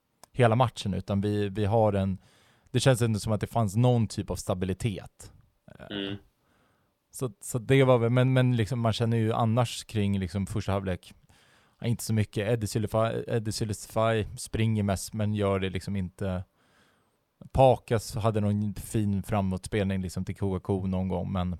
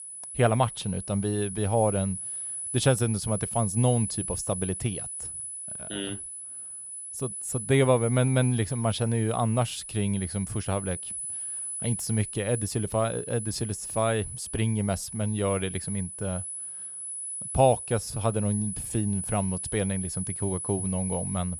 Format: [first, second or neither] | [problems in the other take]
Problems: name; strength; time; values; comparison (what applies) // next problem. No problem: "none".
first | high-pitched whine; loud; throughout; 10 kHz, 6 dB below the speech